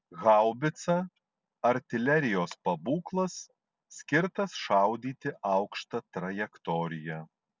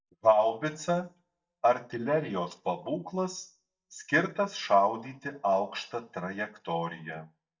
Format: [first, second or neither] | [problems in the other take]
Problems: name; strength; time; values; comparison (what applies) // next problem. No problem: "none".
first | noise reduction (neural mask model DeepFilterNet 3)